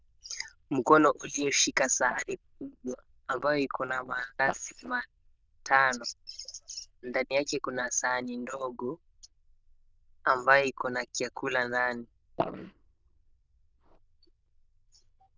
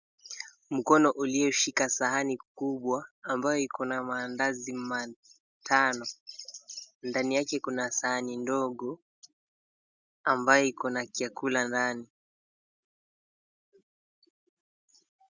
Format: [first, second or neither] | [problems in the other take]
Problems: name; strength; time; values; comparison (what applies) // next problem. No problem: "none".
second | noise reduction (neural diffusion model UNIVERSE++)